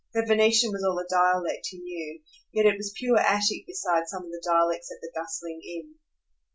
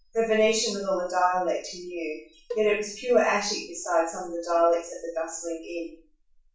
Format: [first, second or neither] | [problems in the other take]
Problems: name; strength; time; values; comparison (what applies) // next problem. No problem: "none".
first | background sound (Cowbell); 16 dB below the speech // room echo; dies away in 0.4 s